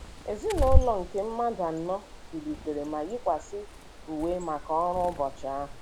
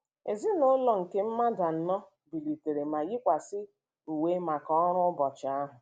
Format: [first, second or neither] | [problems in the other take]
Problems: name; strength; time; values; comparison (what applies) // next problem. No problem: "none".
second | background sound (Bird); as loud as the speech